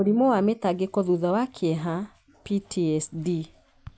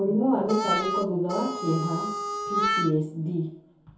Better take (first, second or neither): first